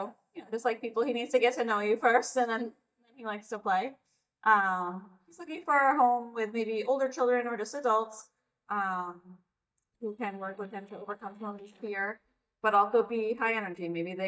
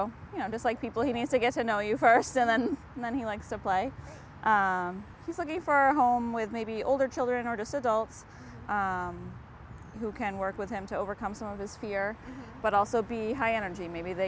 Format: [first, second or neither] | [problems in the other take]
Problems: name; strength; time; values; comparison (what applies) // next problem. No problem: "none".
second | noise reduction (neural mask model DeepFilterNet 3)